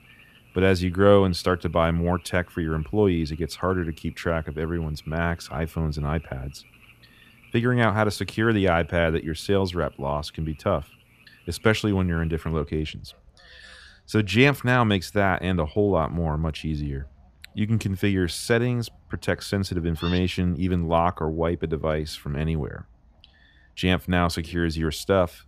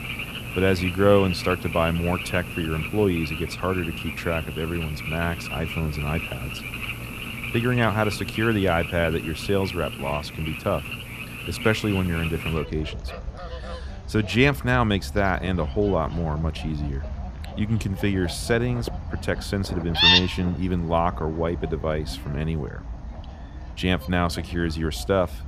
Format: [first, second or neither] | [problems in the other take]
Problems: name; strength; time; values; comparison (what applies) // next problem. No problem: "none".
first | animal sounds; loud; throughout; 5 dB below the speech; faint in the first